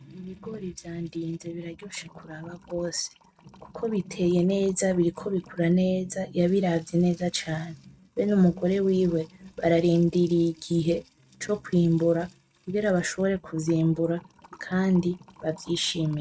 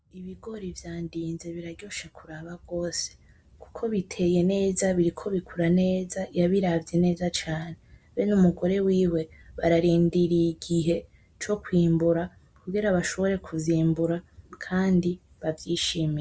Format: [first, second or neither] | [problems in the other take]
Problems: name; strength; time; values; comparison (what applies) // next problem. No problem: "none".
second | noise reduction (neural mask model RNNoise)